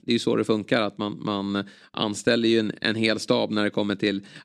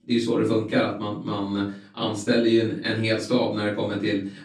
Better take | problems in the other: first | off-mic speech; far // room echo; slight; dies away in 0.3 s

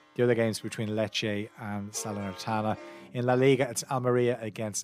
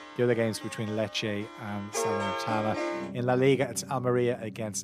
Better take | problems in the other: first | background music; loud; throughout; 7 dB below the speech; faint in the first

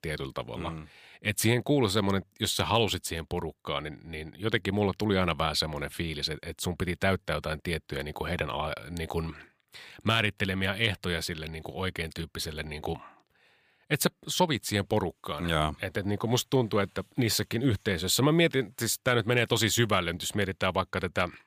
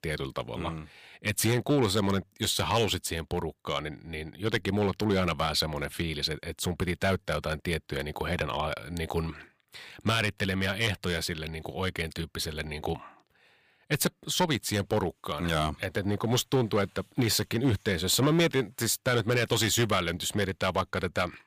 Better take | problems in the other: first | distortion; slight; 3% of the sound clipped

